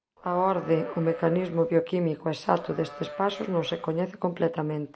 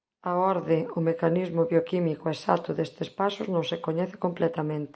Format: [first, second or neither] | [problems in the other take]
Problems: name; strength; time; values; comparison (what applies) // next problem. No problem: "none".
second | background sound (Livestock, farm animals, working animals); 16 dB below the speech